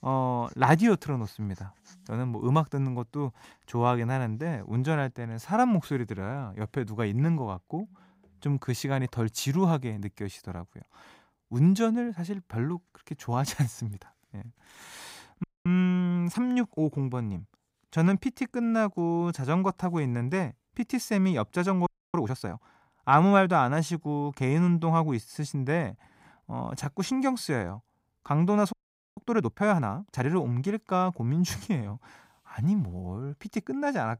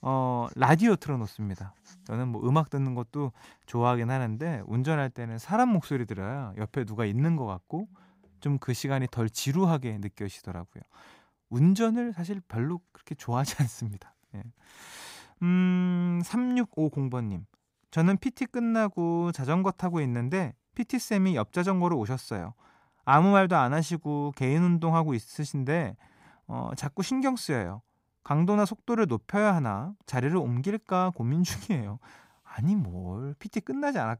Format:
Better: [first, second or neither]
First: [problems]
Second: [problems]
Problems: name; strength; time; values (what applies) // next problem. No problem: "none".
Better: second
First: audio freezing; at 15 s, at 22 s and at 29 s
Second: none